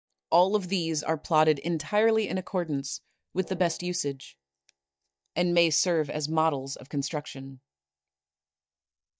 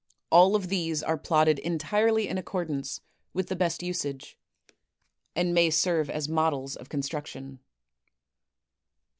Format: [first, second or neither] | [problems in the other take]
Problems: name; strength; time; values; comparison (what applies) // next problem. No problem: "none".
second | noise reduction (neural mask model DeepFilterNet 3)